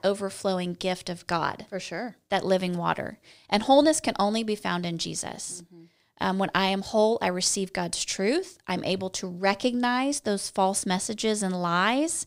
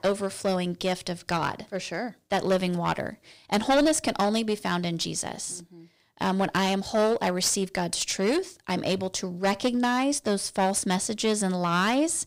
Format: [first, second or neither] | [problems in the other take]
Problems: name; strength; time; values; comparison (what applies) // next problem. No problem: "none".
first | distortion; slight; 6% of the sound clipped